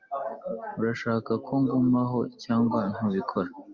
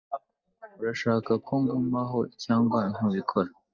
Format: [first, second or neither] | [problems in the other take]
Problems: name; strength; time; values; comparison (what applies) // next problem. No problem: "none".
first | noise reduction (neural mask model DeepFilterNet 3)